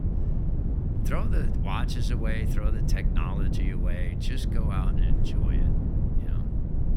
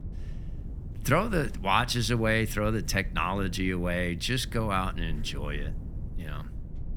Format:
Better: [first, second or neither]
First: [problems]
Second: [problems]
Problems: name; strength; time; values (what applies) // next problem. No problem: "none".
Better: second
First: low rumble; loud; throughout; 3 dB below the speech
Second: low rumble; faint; throughout; 25 dB below the speech